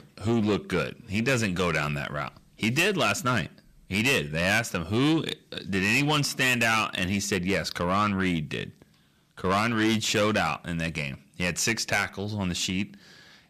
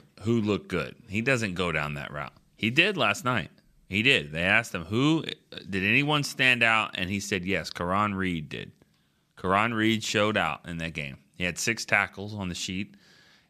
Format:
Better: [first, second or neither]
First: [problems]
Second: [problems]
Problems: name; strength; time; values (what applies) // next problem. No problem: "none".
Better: second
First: distortion; heavy; 7 dB below the speech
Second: none